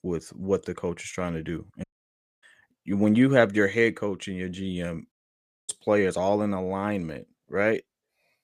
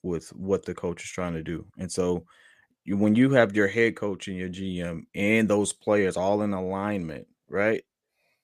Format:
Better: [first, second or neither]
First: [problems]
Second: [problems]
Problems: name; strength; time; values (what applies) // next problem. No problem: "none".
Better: second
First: audio cutting out; at 2 s for 0.5 s and at 5 s for 0.5 s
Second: none